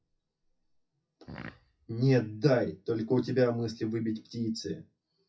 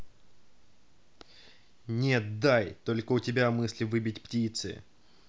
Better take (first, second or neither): second